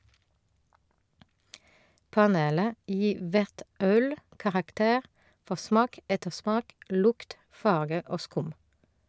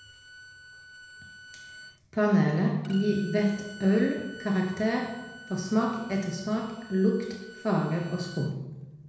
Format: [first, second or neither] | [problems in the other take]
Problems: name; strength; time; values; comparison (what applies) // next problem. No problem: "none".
first | background sound (Bowed string instrument); 19 dB below the speech // room echo; dies away in 1 s